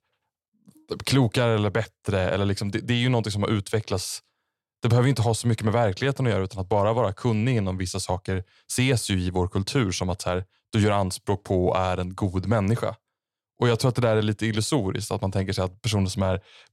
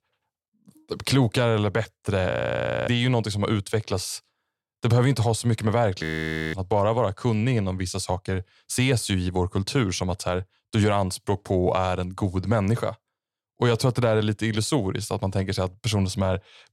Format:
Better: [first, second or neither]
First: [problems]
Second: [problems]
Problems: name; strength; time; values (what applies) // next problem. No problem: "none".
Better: first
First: none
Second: audio freezing; at 2.5 s for 0.5 s and at 6 s for 0.5 s